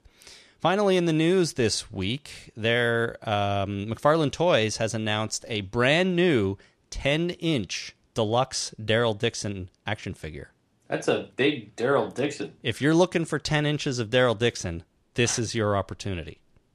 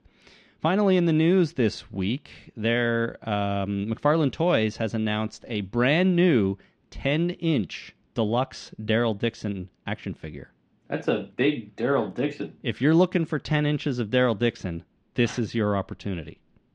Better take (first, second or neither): first